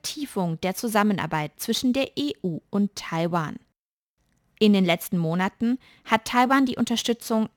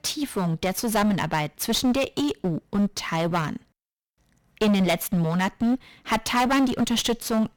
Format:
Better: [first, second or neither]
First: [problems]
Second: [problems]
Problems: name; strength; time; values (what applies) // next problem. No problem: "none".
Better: first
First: none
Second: distortion; heavy; 13% of the sound clipped